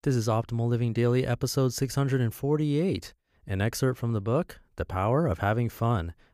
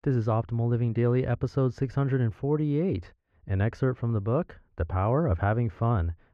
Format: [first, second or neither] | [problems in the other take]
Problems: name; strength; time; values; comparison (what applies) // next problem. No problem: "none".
first | muffled; very; fading above 2 kHz